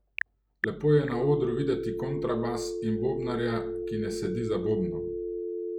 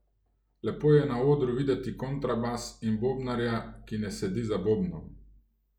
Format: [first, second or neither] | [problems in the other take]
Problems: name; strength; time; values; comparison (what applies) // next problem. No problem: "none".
second | background sound (Telephone); 4 dB below the speech